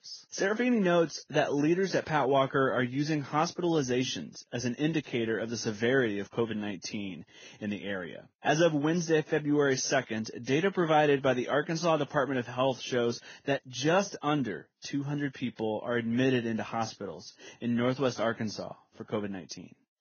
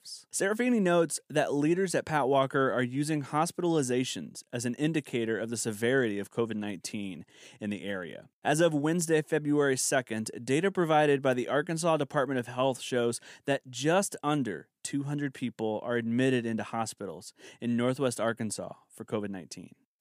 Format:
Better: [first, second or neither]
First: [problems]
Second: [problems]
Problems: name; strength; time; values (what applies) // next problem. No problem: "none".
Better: second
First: garbled, watery; badly; nothing above 6.5 kHz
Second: none